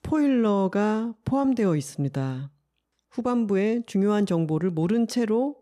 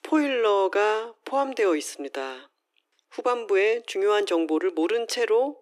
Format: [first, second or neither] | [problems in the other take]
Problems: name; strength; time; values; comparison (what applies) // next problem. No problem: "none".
first | thin; very; fading below 300 Hz